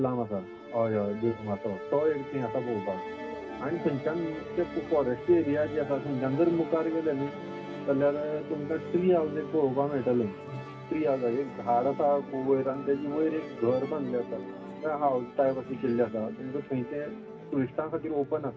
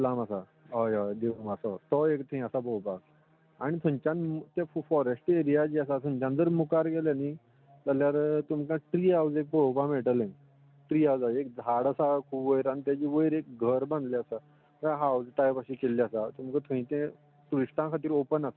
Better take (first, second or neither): second